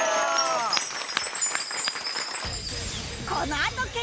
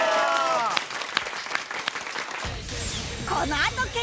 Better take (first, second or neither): second